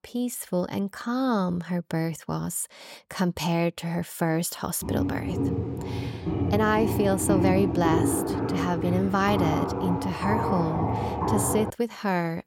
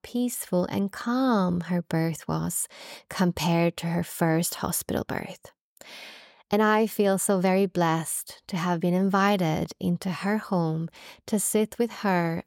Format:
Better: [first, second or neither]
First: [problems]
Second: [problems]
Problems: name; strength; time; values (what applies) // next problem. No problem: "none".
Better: second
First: footsteps; loud; from 5 to 12 s; peak 3 dB above the speech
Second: none